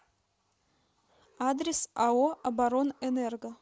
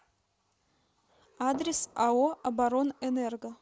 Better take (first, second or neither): first